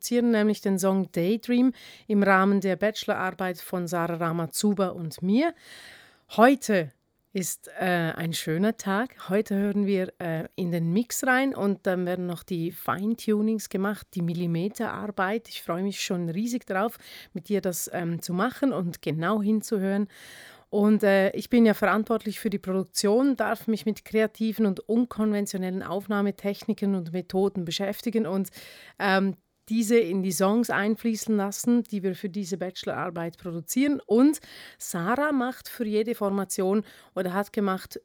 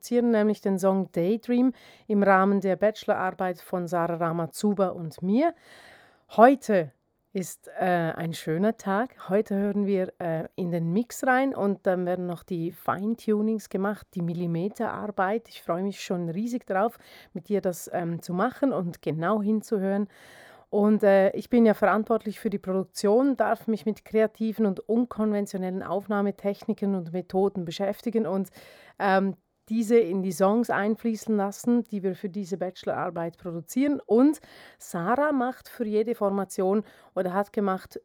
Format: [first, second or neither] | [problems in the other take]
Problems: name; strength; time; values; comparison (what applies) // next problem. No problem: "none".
first | muffled; slightly; fading above 2 kHz